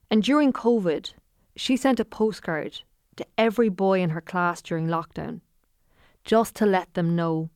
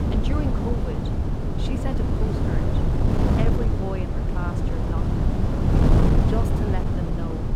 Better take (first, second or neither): first